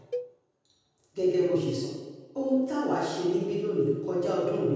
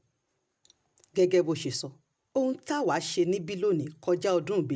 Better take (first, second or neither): second